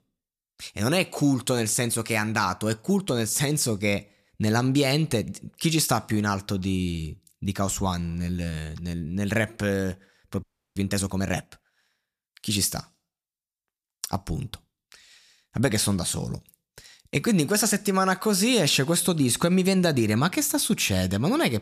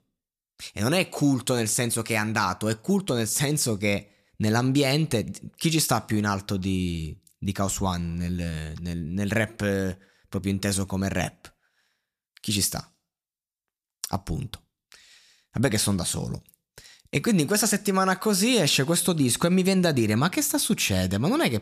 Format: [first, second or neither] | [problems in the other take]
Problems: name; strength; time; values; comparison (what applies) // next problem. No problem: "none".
second | audio freezing; at 10 s